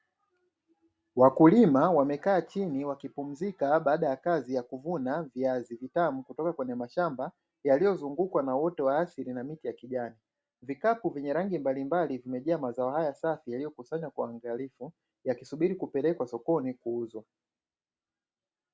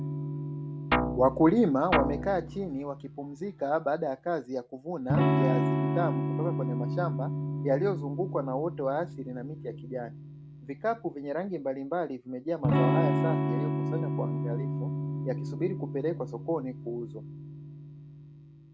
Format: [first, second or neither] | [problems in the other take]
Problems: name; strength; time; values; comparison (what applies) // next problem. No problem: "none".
first | background sound (Electric guitar / Strum + Guitar); as loud as the speech